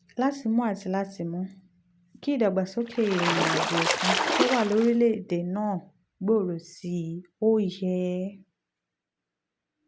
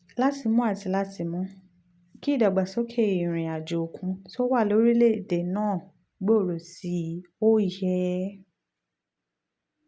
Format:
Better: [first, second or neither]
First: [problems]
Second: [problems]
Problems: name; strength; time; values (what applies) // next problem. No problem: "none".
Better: second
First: background sound (Splash, splatter); 1 dB above the speech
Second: none